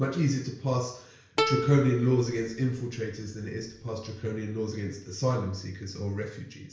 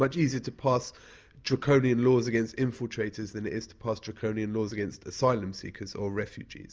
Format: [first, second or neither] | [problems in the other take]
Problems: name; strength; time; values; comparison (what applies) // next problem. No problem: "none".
second | background sound (Plucked string instrument); 5 dB below the speech // room echo; dies away in 0.5 s